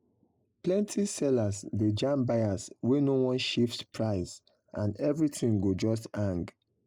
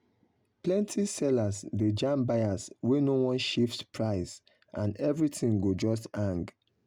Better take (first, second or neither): second